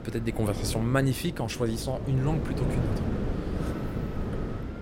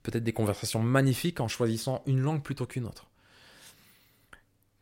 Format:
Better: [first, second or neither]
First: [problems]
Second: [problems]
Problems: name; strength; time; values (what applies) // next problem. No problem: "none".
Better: second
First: wind noise on the microphone; heavy; 5 dB below the speech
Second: none